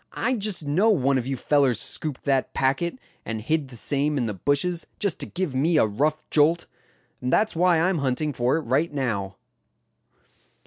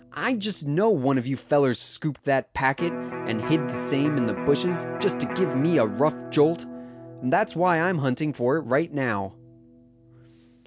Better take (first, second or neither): first